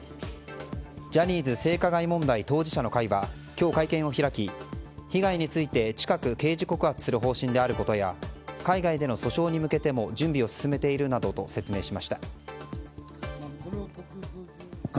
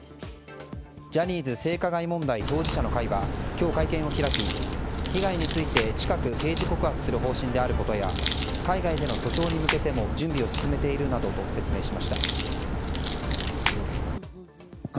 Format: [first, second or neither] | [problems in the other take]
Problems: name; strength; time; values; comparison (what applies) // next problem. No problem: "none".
first | background sound (Crack); 1 dB above the speech